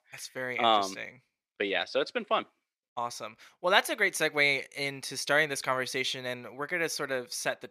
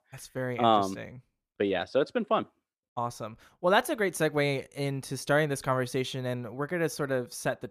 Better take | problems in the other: second | thin; somewhat; fading below 1 kHz

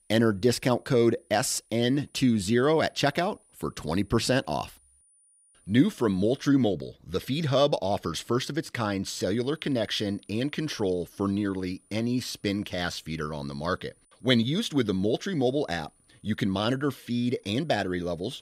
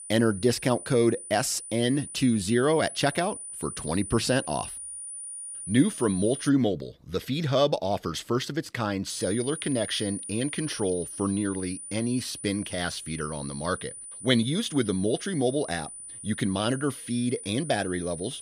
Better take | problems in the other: first | high-pitched whine; loud; until 6.5 s and from 9 s on; 9.5 kHz, 10 dB below the speech; faint in the first

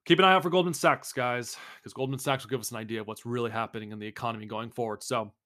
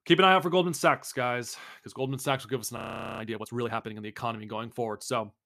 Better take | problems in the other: first | audio freezing; at 3 s

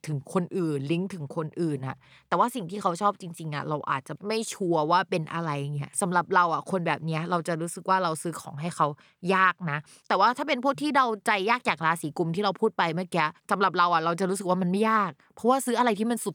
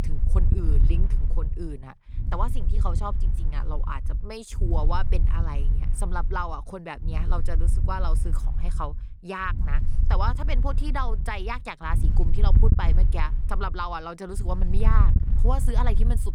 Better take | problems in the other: first | wind noise on the microphone; occasional gusts; 10 dB below the speech

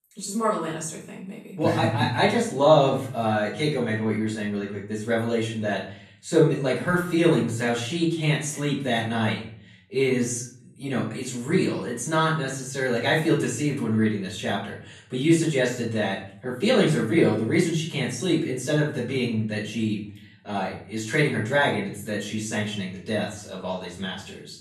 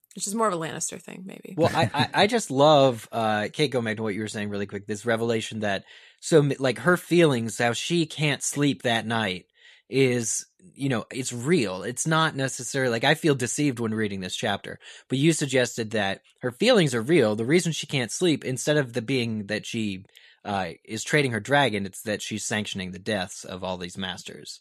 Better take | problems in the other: second | off-mic speech; far // room echo; noticeable; dies away in 0.5 s

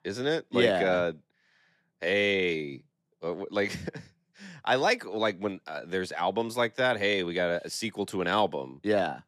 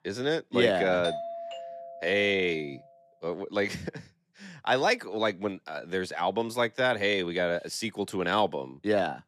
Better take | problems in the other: first | doorbell; noticeable; from 1 to 2.5 s; peak 6 dB below the speech

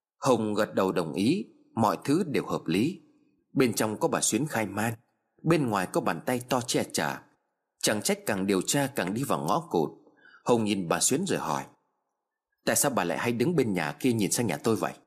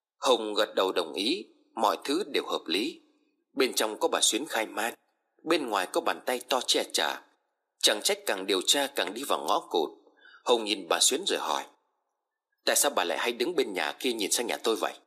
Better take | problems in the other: first | thin; somewhat; fading below 350 Hz

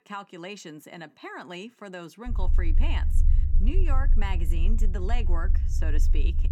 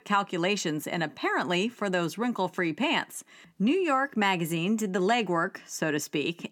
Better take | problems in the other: second | low rumble; loud; from 2.5 s on; 10 dB below the speech

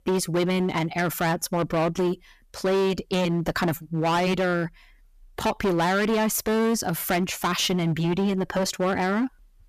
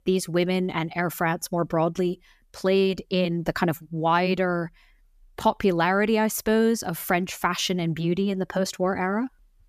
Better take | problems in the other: second | distortion; heavy; 17% of the sound clipped

